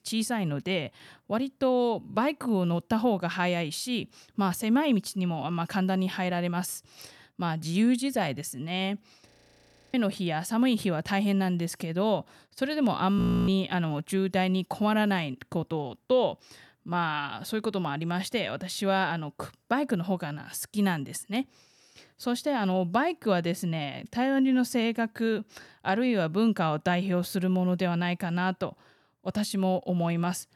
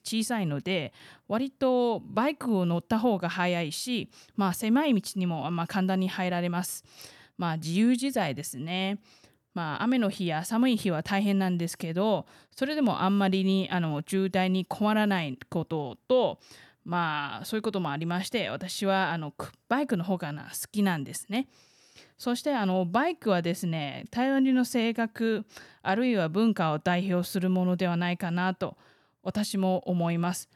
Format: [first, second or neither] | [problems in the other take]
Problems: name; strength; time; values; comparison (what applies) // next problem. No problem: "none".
second | audio freezing; at 9.5 s for 0.5 s and at 13 s